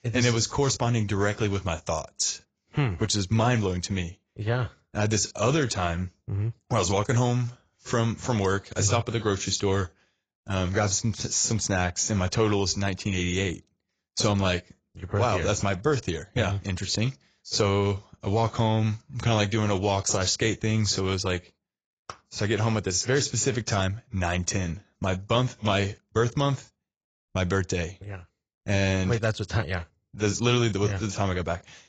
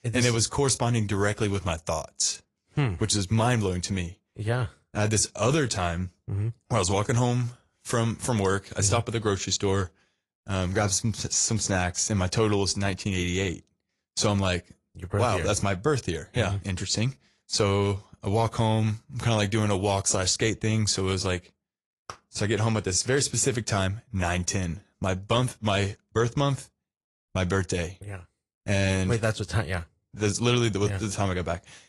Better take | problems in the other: second | garbled, watery; badly; nothing above 7.5 kHz; slightly in the second

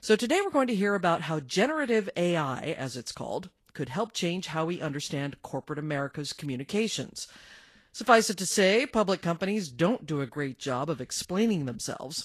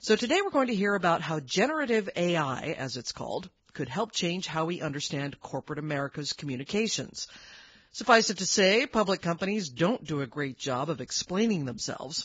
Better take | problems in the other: first | garbled, watery; badly; nothing above 7.5 kHz; slightly in the first

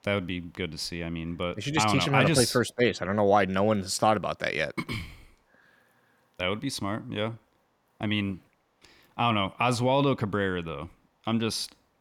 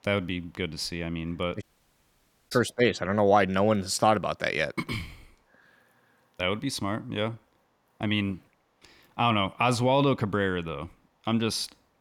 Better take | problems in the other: first | audio cutting out; at 1.5 s for 1 s

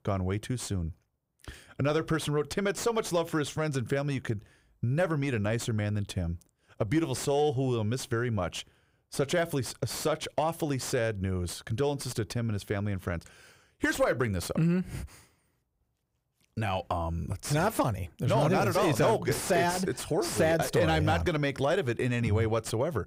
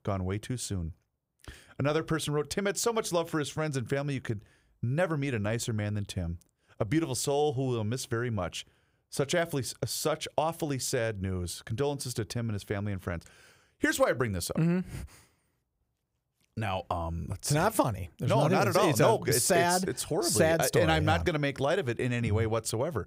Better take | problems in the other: second | distortion; slight; 10 dB below the speech

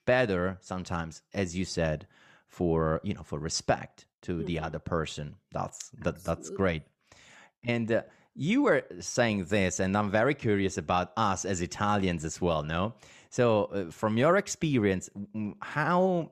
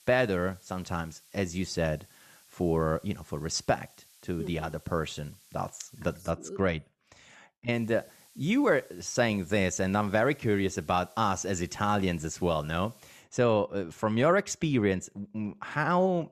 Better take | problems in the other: first | hiss; faint; until 6 s and from 7.5 to 13 s; 25 dB below the speech

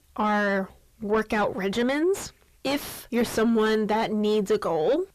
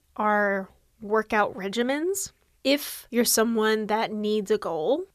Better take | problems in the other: second | distortion; heavy; 7 dB below the speech

